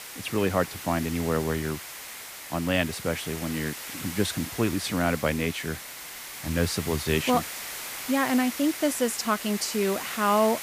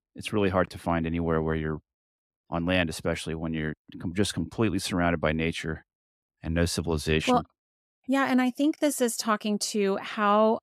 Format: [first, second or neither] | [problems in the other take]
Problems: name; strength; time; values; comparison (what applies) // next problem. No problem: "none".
second | hiss; loud; throughout; 8 dB below the speech